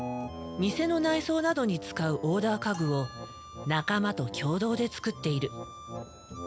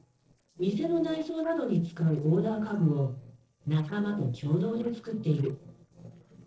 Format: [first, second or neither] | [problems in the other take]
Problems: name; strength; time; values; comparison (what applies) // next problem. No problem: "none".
first | noise reduction (neural separator model SepFormer DNS4)